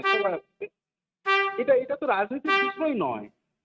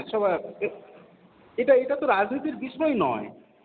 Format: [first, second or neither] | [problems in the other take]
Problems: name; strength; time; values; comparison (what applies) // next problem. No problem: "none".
second | noise reduction (neural mask model RNNoise)